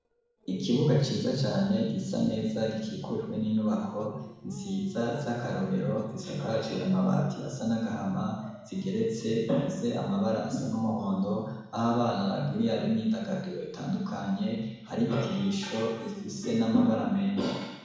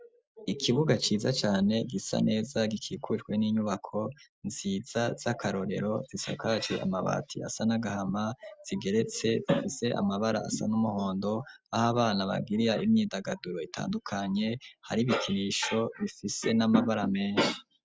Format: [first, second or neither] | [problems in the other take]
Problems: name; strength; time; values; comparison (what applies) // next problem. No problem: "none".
second | noise reduction (neural separator model SepFormer DNS4)